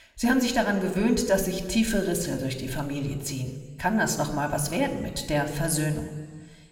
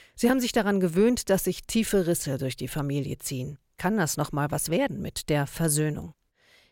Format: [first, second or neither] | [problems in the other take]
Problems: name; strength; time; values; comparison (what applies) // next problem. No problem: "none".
second | room echo; slight; dies away in 1.4 s